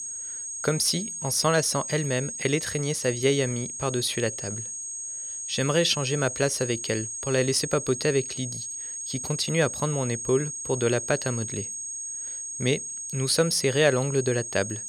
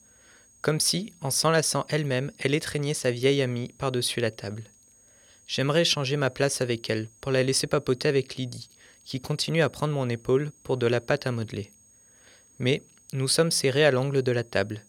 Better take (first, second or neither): second